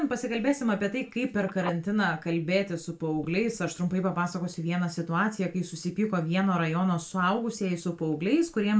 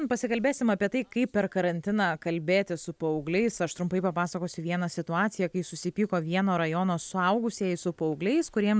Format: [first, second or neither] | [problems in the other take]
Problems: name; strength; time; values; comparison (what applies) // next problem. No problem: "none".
second | background sound (Telephone); 18 dB below the speech // room echo; dies away in 0.2 s